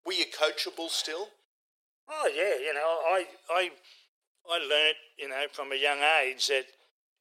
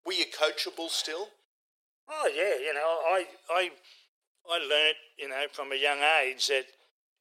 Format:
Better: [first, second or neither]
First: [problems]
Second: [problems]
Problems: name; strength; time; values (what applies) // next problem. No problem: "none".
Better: neither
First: thin; very; fading below 400 Hz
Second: thin; very; fading below 400 Hz